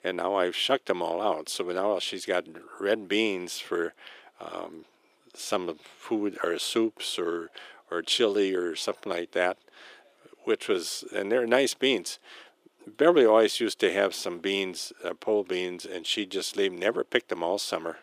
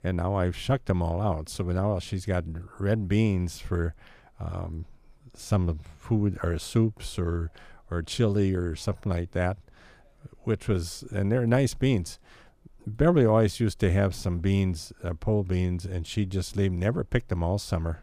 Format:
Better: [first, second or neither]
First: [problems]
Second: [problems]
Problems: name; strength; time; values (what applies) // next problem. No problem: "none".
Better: second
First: thin; very; fading below 350 Hz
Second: none